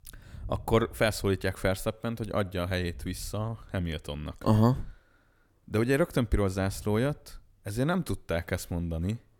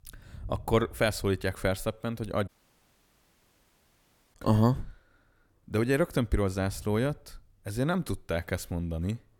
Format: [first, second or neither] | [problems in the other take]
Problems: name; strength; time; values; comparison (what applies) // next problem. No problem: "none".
first | audio cutting out; at 2.5 s for 2 s